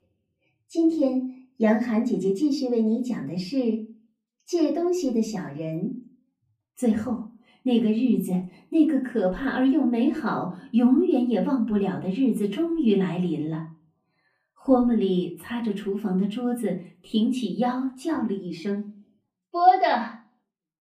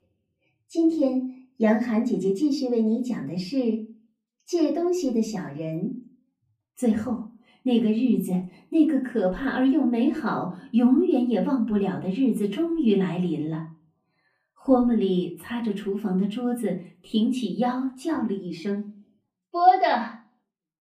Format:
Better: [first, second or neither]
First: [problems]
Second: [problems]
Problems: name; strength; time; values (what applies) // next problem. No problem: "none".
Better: neither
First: off-mic speech; far // room echo; very slight; dies away in 0.3 s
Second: off-mic speech; far // room echo; very slight; dies away in 0.3 s